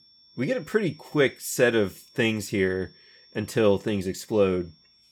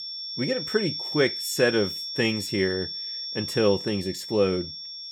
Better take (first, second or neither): first